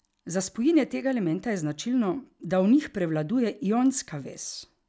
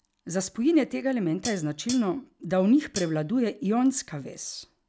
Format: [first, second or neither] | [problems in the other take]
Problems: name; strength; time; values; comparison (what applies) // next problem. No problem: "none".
first | background sound (Hi-hat); 12 dB below the speech